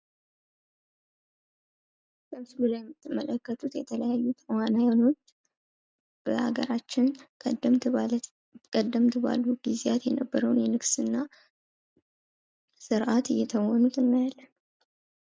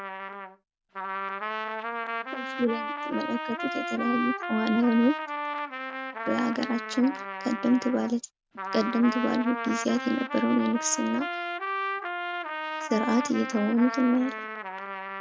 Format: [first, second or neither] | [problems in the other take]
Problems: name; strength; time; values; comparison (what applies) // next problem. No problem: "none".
first | background sound (Trumpet); 5 dB below the speech